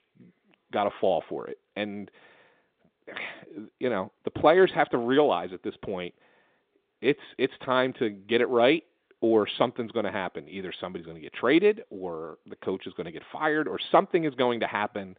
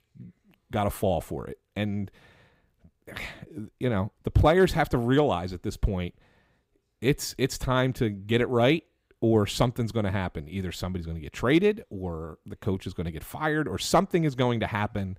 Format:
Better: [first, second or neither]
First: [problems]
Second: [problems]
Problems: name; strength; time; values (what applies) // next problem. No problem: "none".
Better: second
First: phone-call audio; nothing above 3.5 kHz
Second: none